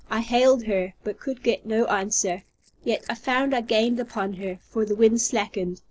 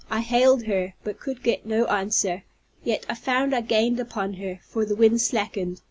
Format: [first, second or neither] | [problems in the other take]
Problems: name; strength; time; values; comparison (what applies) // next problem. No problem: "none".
second | noise reduction (neural separator model SepFormer DNS4)